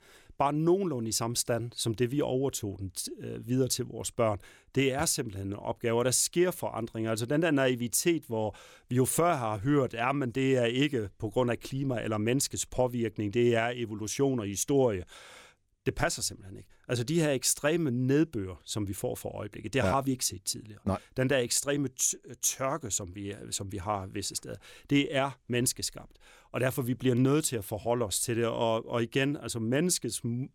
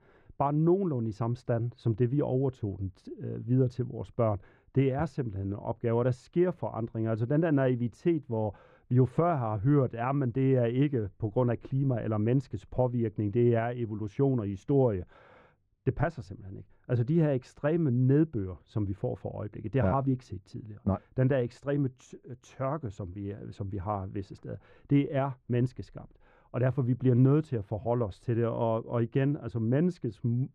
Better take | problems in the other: first | muffled; very; fading above 1.5 kHz

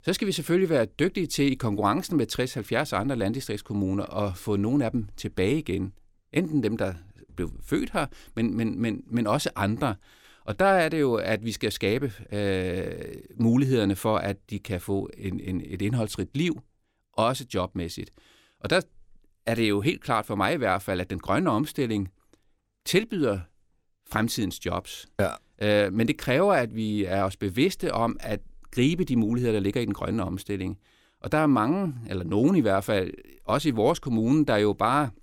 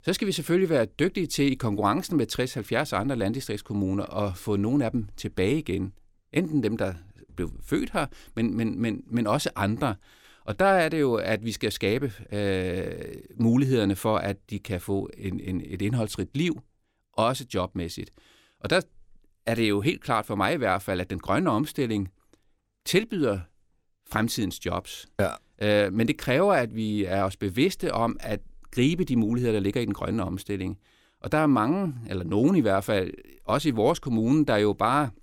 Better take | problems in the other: neither | none

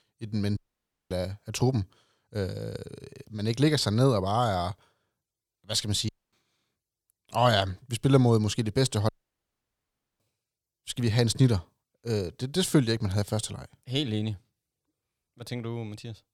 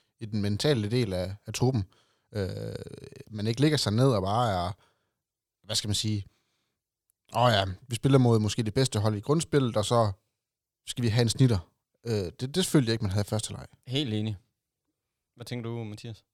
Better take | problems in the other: second | audio cutting out; at 0.5 s for 0.5 s, at 6 s and at 9 s for 1 s

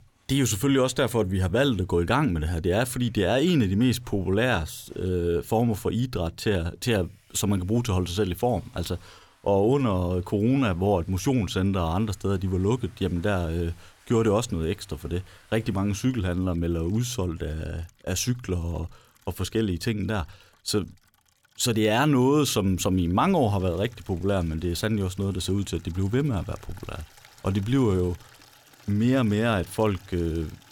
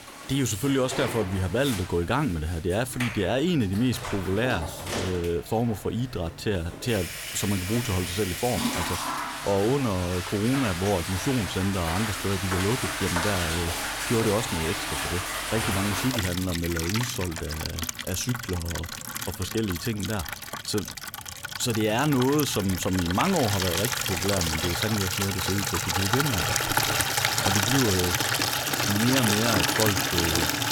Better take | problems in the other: first | household noises; loud; throughout; as loud as the speech; faint in the first

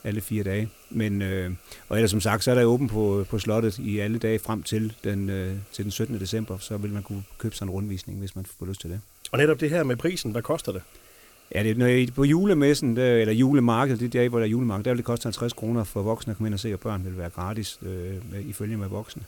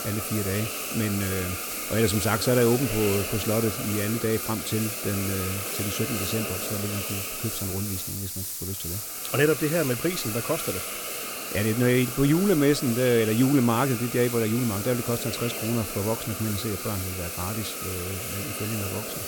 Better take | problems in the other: first | hiss; loud; throughout; 3 dB below the speech; faint in the first

